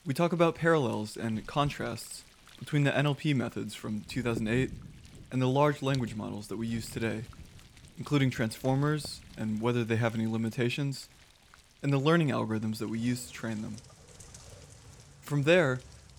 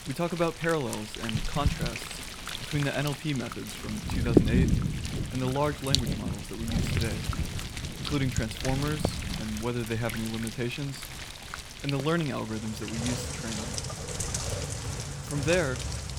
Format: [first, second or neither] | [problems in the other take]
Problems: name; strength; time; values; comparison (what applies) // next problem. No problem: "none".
first | rain or running water; loud; throughout; as loud as the speech; faint in the first